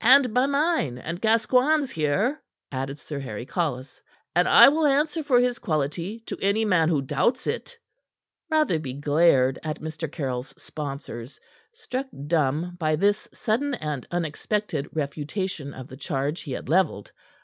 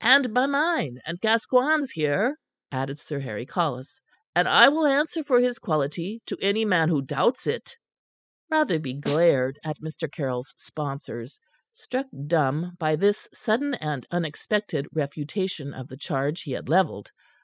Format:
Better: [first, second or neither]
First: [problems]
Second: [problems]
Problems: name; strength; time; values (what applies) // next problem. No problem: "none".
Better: first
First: none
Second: noise reduction (classical method spectral subtraction)